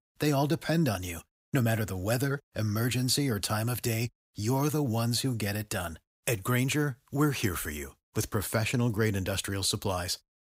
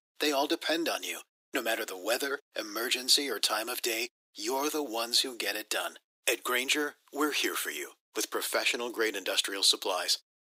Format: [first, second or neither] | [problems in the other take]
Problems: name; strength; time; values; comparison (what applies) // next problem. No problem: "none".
first | thin; very; fading below 350 Hz